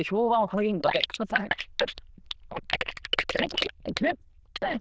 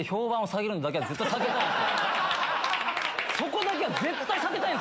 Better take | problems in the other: second | noise reduction (neural diffusion model UNIVERSE++)

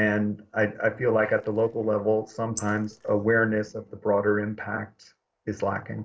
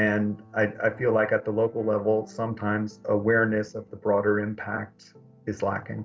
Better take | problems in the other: second | noise reduction (neural mask model Resemble Enhance denoiser)

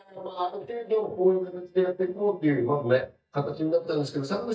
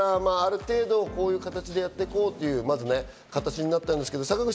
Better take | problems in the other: second | noise reduction (neural mask model DeepFilterNet 3)

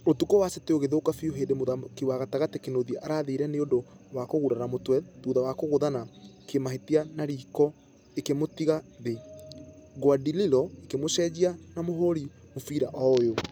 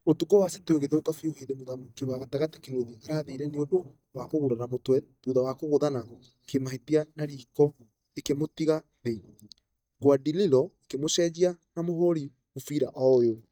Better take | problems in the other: first | noise reduction (neural mask model DeepFilterNet 3)

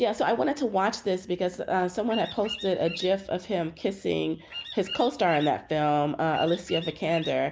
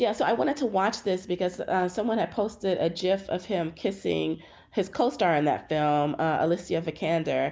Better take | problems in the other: second | background sound (Bird vocalization, bird call, bird song); 12 dB below the speech

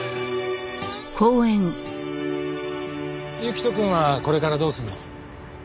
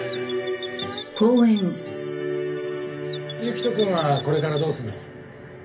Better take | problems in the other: first | background sound (Chirp, tweet); 15 dB below the speech // room echo; dies away in 0.3 s

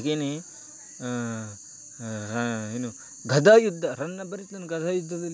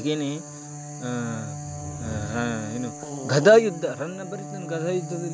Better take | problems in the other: first | background sound (Fart / Drawer open or close + Bowed string instrument); 10 dB below the speech

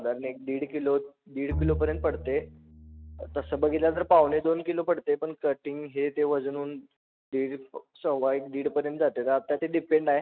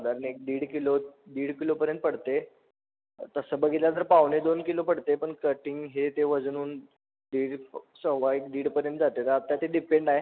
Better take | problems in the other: second | noise reduction (neural mask model RNNoise)

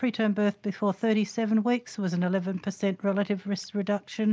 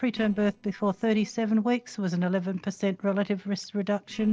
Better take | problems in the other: first | noise reduction (neural separator model SepFormer DNS4)

